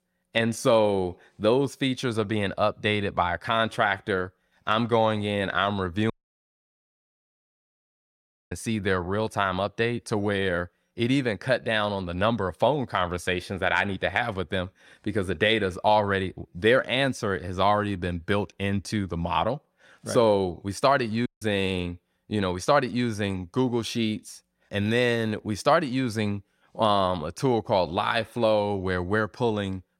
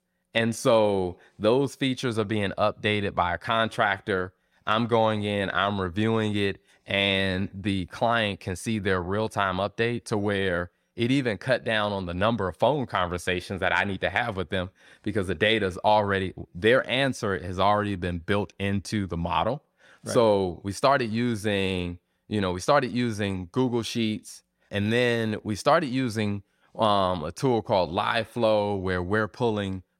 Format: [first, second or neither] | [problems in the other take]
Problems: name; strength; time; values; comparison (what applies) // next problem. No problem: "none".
second | audio cutting out; at 6 s for 2.5 s and at 21 s